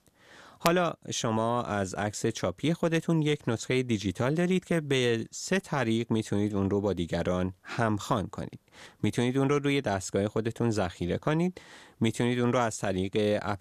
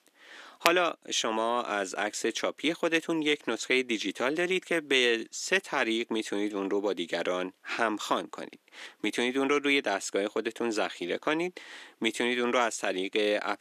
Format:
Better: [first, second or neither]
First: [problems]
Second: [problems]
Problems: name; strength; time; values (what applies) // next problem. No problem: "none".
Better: first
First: none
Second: thin; somewhat; fading below 300 Hz